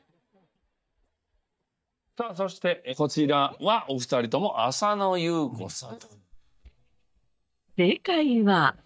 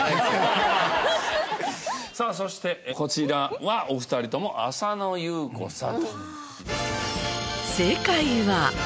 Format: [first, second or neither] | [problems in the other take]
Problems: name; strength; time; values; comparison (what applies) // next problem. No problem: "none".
second | noise reduction (neural mask model DeepFilterNet 3)